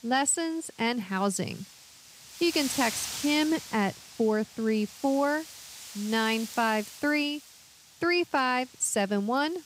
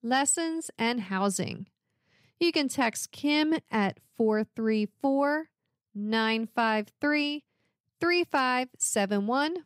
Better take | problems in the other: second | wind noise on the microphone; occasional gusts; 10 dB below the speech

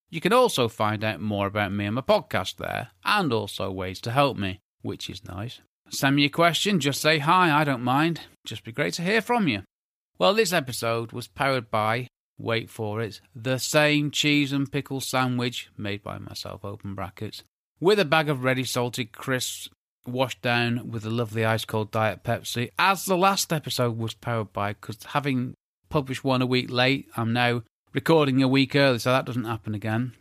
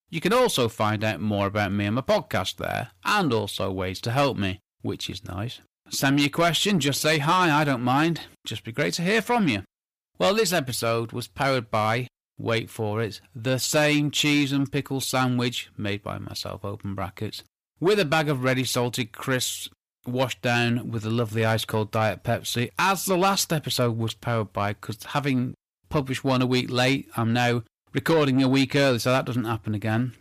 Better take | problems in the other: first | distortion; slight; 10 dB below the speech

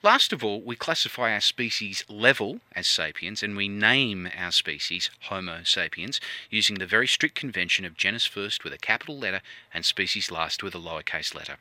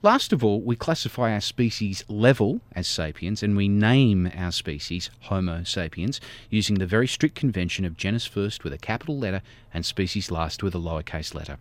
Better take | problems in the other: second | thin; somewhat; fading below 850 Hz

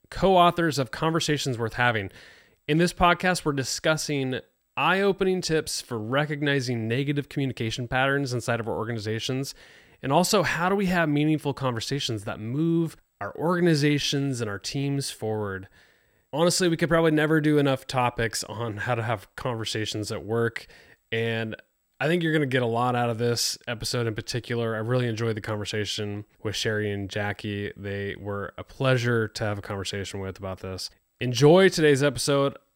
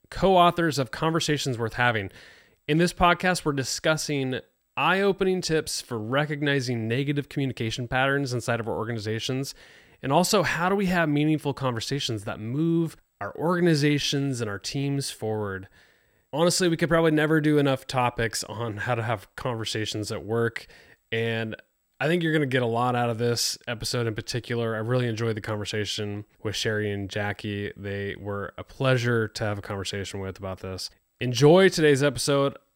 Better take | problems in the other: neither | none

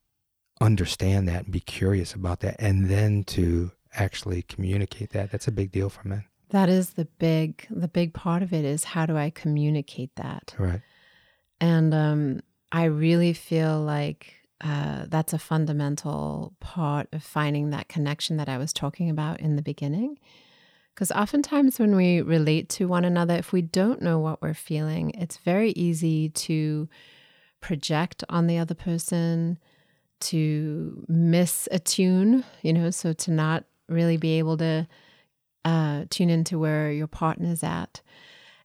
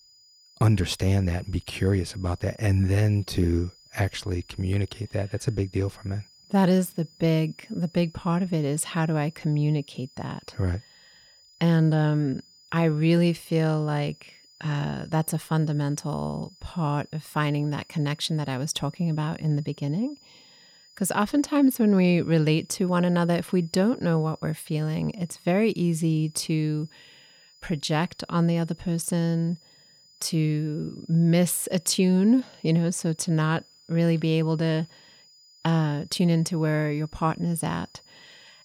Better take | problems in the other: first | high-pitched whine; faint; throughout; 5 kHz, 25 dB below the speech

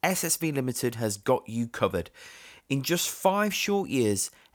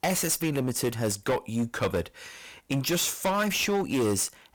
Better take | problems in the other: first | distortion; heavy; 14% of the sound clipped

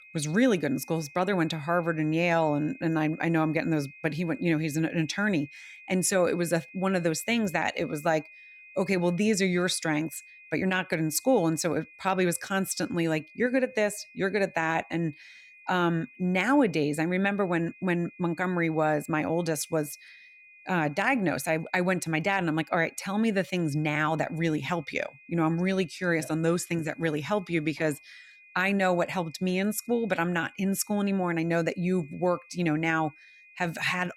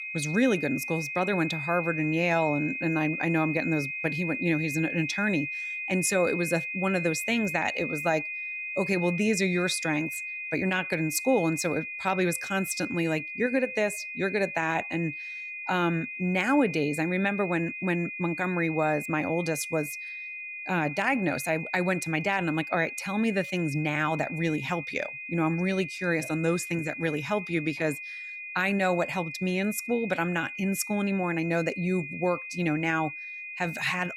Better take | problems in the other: first | high-pitched whine; loud; throughout; 2.5 kHz, 6 dB below the speech; faint in the first

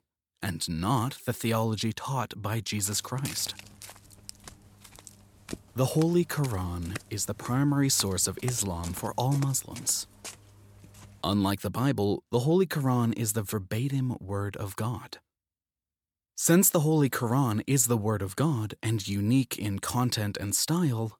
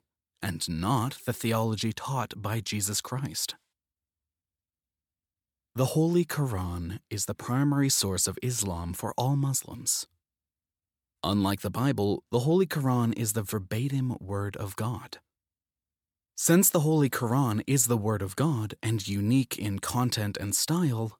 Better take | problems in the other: second | footsteps; faint; from 3 to 11 s; peak 10 dB below the speech

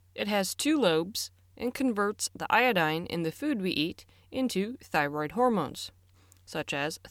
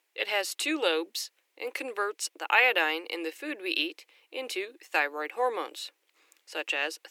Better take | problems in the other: first | thin; very; fading below 300 Hz

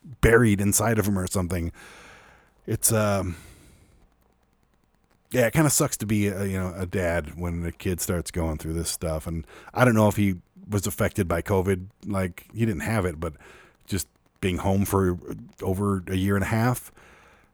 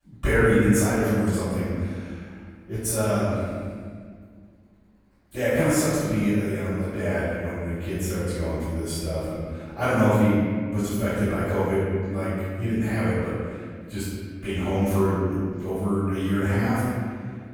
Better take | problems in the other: first | room echo; strong; dies away in 1.9 s // off-mic speech; far

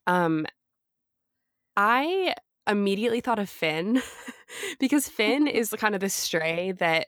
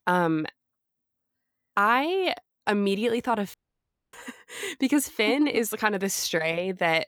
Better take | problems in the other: first | audio cutting out; at 3.5 s for 0.5 s

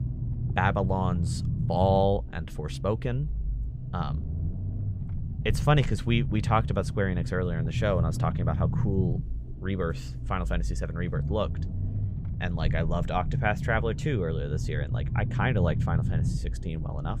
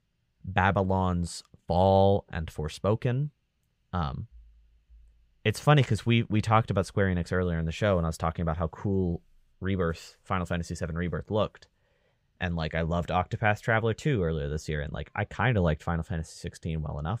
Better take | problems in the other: second | low rumble; noticeable; throughout; 15 dB below the speech

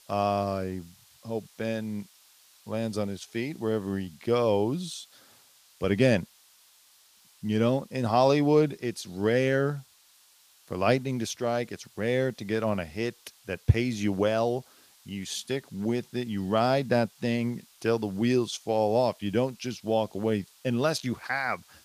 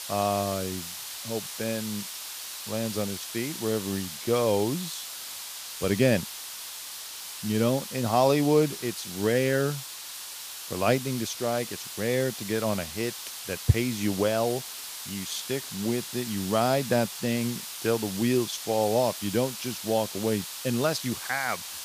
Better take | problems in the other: first | hiss; loud; throughout; 8 dB below the speech; faint in the first

